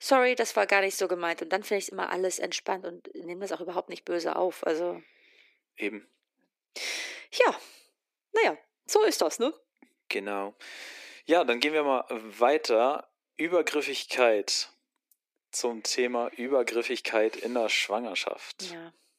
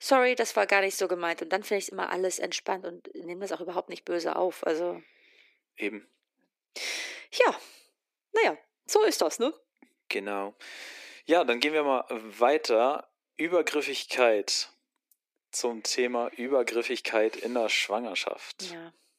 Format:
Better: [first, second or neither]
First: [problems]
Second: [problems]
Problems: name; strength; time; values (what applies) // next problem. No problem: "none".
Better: neither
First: thin; very; fading below 300 Hz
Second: thin; very; fading below 300 Hz